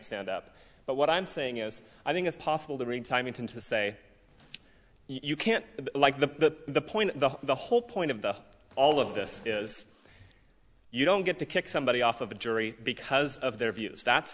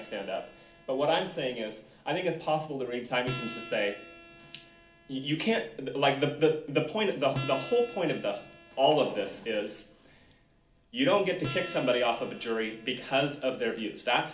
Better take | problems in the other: first | background sound (Acoustic guitar); 16 dB below the speech // room echo; dies away in 0.4 s

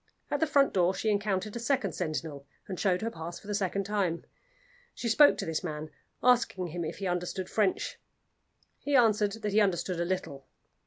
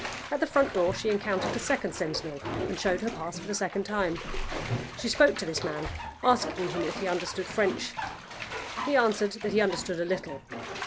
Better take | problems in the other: first | background sound (Bathtub (filling or washing)); 7 dB below the speech

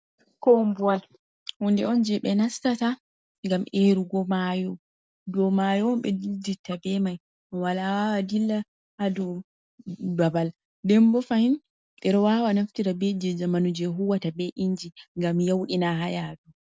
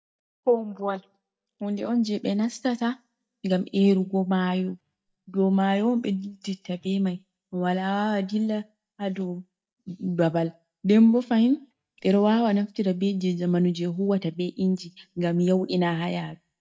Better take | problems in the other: first | noise reduction (neural mask model DeepFilterNet 3)

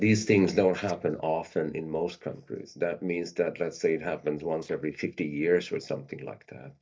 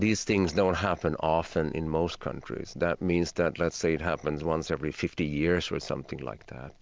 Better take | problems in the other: second | noise reduction (neural mask model DeepFilterNet 3)

